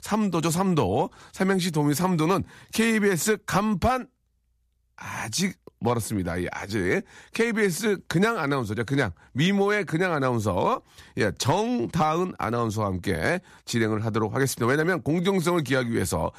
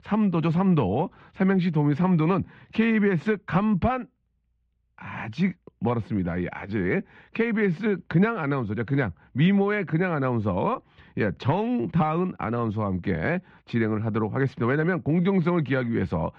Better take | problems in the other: first | muffled; very; fading above 3 kHz

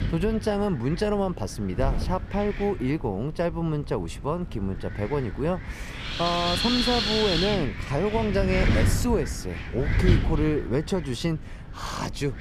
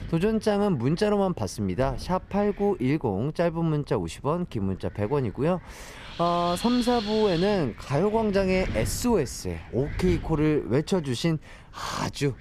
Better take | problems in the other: second | wind noise on the microphone; heavy; 1 dB below the speech; occasional gusts in the second

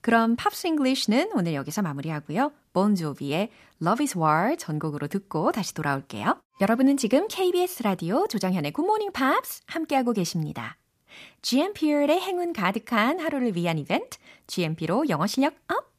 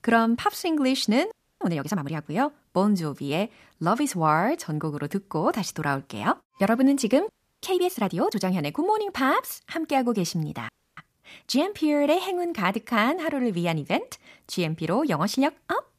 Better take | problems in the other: first | audio freezing; at 1.5 s, at 7.5 s and at 11 s

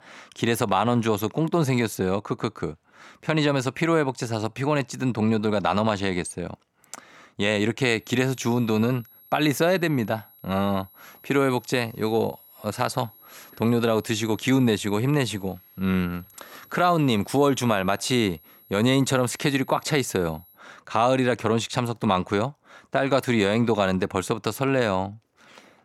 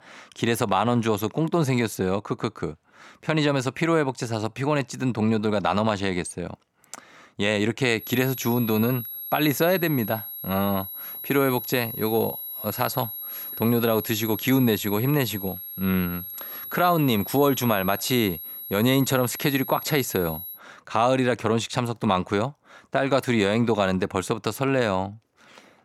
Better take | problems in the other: first | high-pitched whine; loud; from 8 to 21 s; 11.5 kHz, 8 dB below the speech; faint in the first

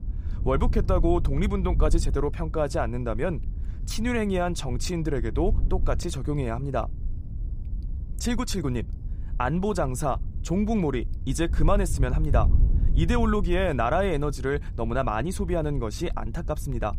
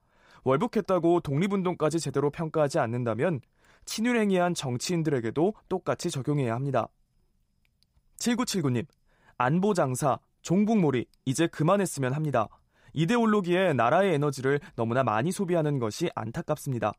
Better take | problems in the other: second | wind noise on the microphone; occasional gusts; 20 dB below the speech

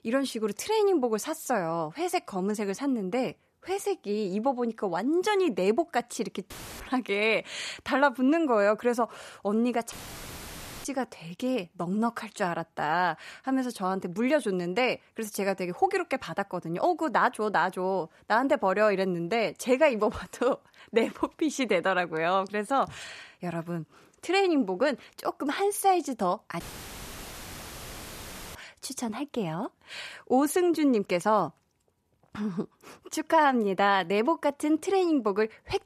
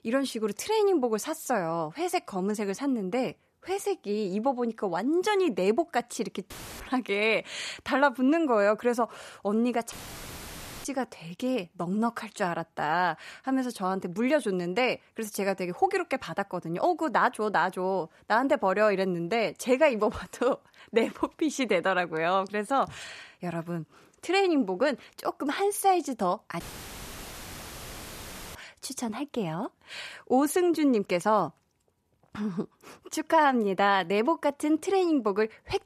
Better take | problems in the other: neither | audio cutting out; filled with static; at 6.5 s, at 10 s for 1 s and at 27 s for 2 s; the same in both

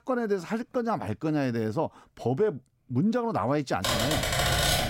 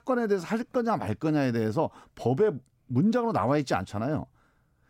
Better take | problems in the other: second | keyboard typing; loud; from 4 s on; peak 6 dB above the speech

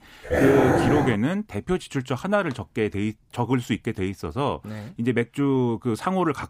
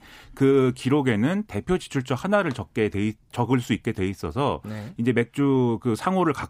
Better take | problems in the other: second | dog barking; loud; at 0.5 s; peak 5 dB above the speech

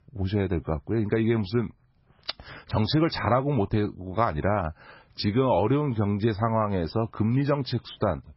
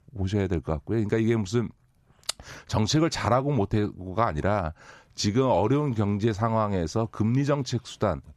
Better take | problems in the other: second | garbled, watery; badly; nothing above 5.5 kHz

